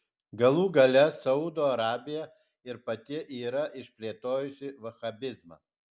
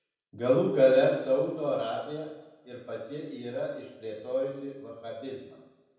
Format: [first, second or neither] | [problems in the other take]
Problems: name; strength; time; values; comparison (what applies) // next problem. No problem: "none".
first | room echo; dies away in 0.9 s